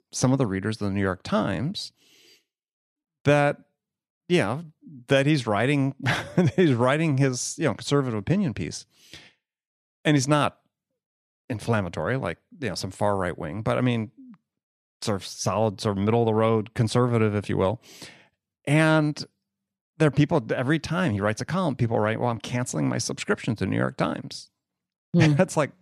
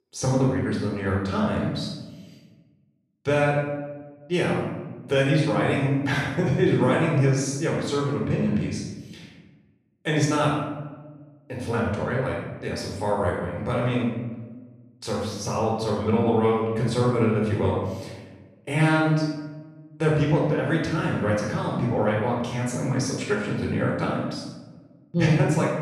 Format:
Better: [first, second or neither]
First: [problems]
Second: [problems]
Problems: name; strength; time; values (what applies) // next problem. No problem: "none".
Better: first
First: none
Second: off-mic speech; far // room echo; noticeable; dies away in 0.9 s